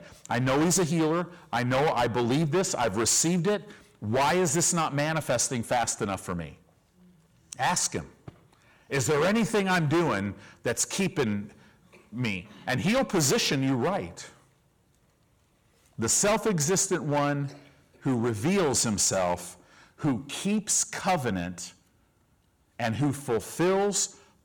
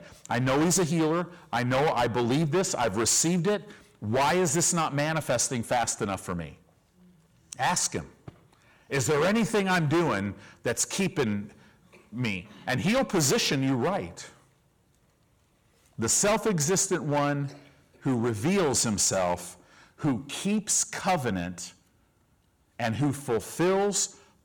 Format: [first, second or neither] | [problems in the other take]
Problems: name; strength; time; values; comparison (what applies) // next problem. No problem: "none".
neither | distortion; heavy; 12% of the sound clipped; the same in both